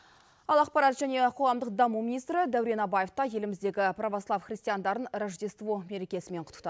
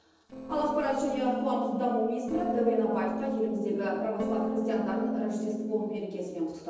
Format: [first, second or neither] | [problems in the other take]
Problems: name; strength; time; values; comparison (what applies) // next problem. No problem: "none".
first | noise reduction (neural separator model SepFormer DNS4)